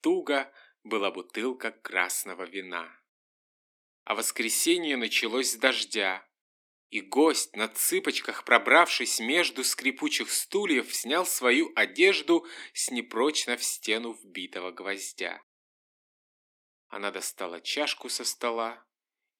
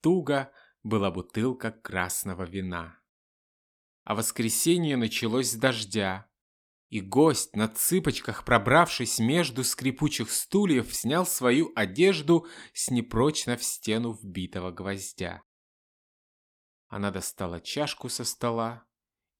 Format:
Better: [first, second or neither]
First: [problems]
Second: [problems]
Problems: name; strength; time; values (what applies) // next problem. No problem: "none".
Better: second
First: thin; somewhat; fading below 250 Hz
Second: none